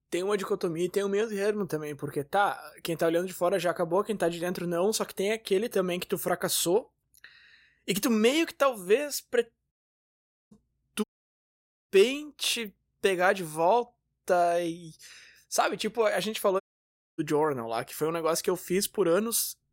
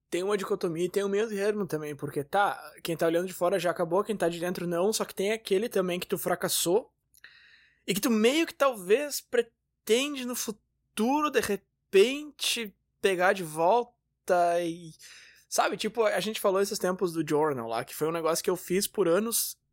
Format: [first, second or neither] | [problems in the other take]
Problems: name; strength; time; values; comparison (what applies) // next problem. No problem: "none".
second | audio cutting out; at 9.5 s for 1 s, at 11 s for 1 s and at 17 s for 0.5 s